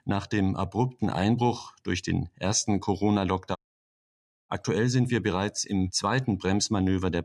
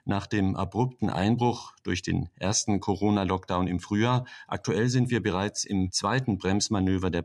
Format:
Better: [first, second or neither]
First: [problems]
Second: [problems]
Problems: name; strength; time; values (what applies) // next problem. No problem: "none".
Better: second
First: audio cutting out; at 3.5 s for 1 s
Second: none